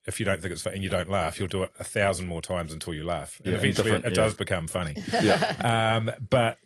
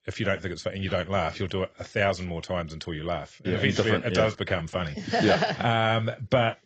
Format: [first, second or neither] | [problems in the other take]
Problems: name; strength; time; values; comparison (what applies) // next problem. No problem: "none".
first | garbled, watery; badly; nothing above 7.5 kHz; slightly in the first